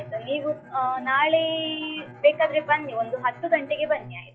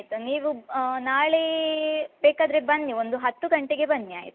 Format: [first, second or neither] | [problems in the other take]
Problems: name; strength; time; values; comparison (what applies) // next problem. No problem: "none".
second | noise reduction (classical method log-MMSE)